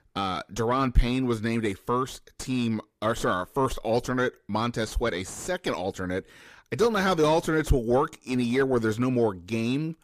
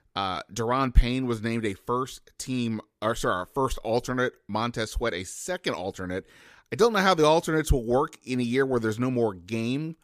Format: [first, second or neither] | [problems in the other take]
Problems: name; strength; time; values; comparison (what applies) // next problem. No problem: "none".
second | distortion; slight; 10 dB below the speech